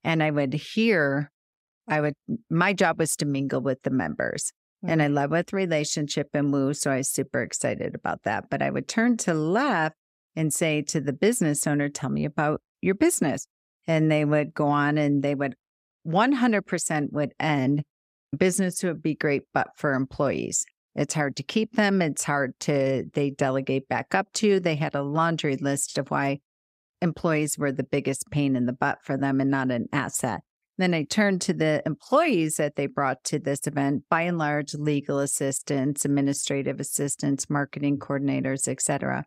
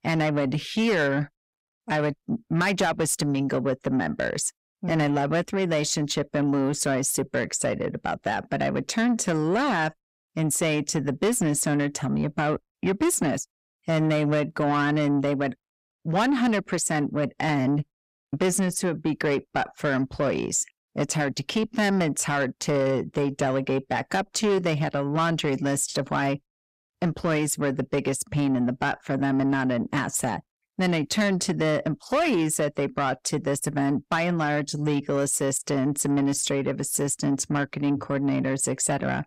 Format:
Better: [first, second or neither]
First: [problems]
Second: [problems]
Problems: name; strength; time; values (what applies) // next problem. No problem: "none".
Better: first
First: none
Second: distortion; slight; 10 dB below the speech